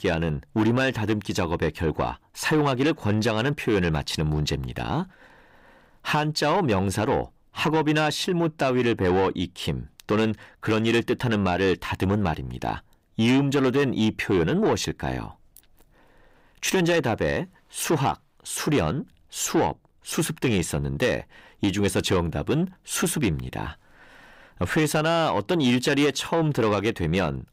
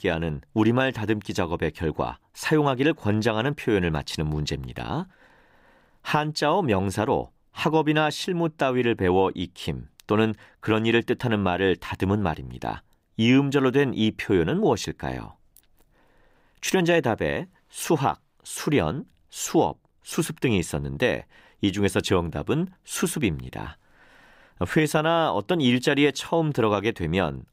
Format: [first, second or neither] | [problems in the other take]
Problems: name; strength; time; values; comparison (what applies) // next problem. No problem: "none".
second | distortion; slight; 10 dB below the speech